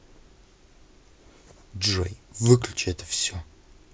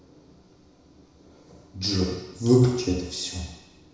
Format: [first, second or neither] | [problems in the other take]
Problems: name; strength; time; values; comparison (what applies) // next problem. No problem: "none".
first | room echo; dies away in 1 s